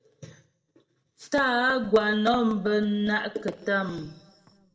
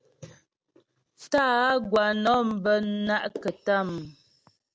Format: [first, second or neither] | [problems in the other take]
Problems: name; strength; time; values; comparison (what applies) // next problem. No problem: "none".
second | room echo; dies away in 0.8 s